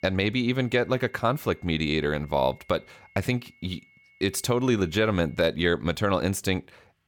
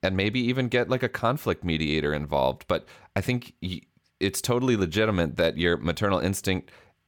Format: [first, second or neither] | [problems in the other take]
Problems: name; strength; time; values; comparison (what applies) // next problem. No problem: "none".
second | high-pitched whine; faint; until 5.5 s; 2 kHz, 30 dB below the speech